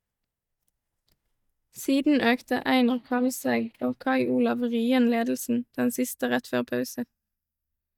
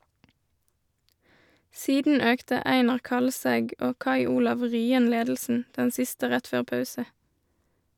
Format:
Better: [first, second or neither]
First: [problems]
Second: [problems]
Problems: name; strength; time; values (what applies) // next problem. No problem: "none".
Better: second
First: noise reduction (neural mask model DeepFilterNet 3)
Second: none